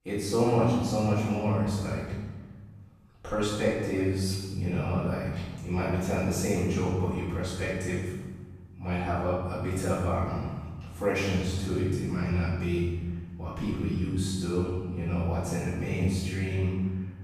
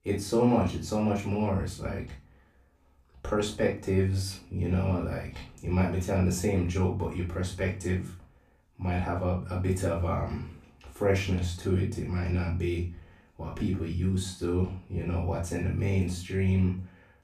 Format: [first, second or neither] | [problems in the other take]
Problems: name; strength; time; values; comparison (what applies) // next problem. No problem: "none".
second | room echo; strong; dies away in 1.2 s; slight in the second // off-mic speech; far; far in the second